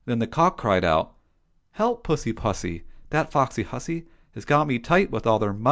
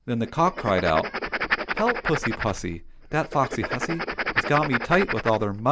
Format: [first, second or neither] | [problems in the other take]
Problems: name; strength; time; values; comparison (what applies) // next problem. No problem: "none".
first | background sound (Writing); 5 dB below the speech